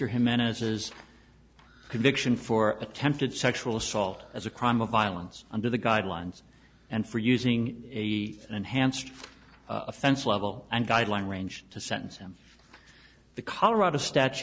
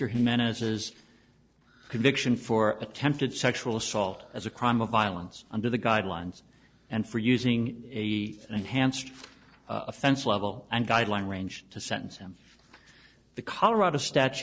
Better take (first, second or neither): first